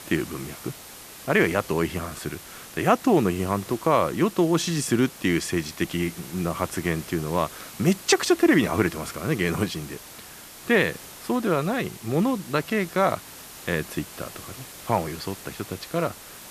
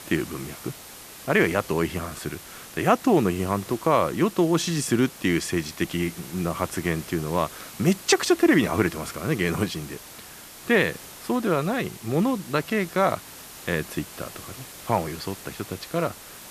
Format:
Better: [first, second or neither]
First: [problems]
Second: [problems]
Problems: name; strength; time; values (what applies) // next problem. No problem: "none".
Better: neither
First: hiss; noticeable; throughout; 15 dB below the speech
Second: hiss; noticeable; throughout; 15 dB below the speech